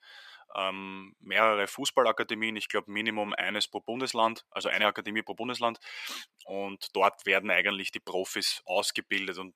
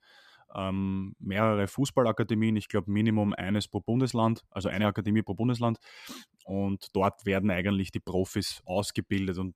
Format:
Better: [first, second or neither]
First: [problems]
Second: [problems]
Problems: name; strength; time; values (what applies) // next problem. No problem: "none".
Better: second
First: thin; very; fading below 550 Hz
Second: none